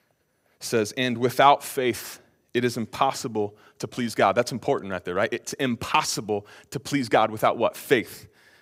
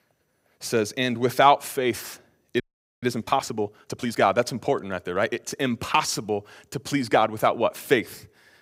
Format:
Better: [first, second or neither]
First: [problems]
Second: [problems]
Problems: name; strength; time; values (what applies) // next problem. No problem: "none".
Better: first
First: none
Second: audio freezing; at 2.5 s